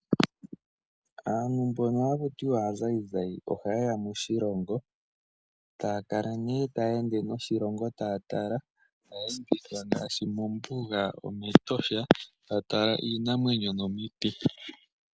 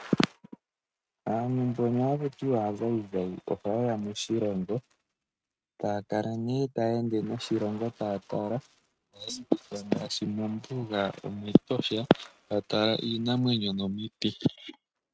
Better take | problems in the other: first | noise reduction (neural mask model RNNoise)

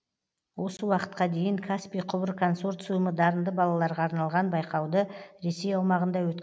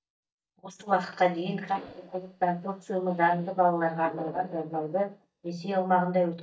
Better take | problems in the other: first | noise reduction (neural mask model DeepFilterNet 3)

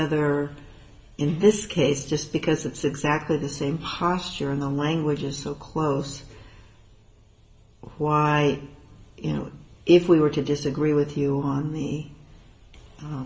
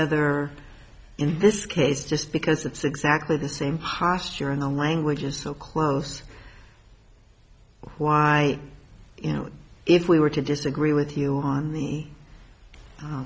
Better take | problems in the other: second | room echo; dies away in 0.7 s

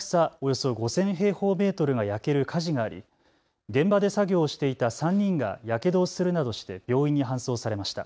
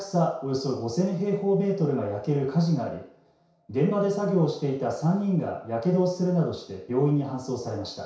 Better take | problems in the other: first | room echo; dies away in 0.6 s

